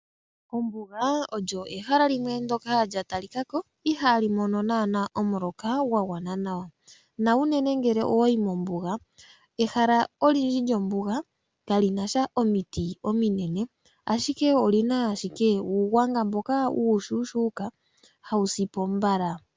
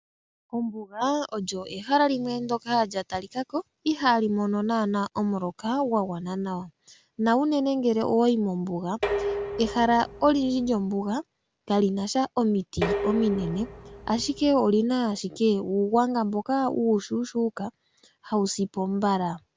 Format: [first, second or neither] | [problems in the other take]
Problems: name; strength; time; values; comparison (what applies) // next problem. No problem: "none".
first | background sound (Dishes, pots, and pans); 8 dB below the speech